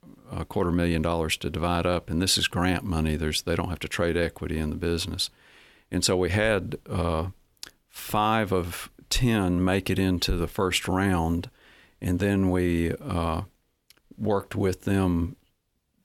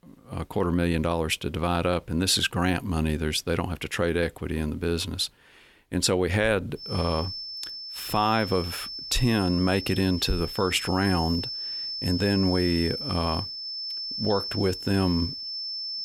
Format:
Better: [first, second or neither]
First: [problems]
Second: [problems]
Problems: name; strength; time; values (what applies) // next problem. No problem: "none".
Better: first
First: none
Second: high-pitched whine; loud; from 7 s on; 5.5 kHz, 6 dB below the speech